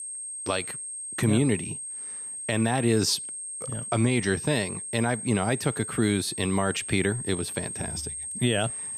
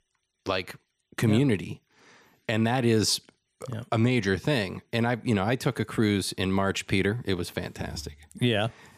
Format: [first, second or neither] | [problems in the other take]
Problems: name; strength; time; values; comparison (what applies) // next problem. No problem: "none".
second | high-pitched whine; loud; throughout; 8.5 kHz, 6 dB below the speech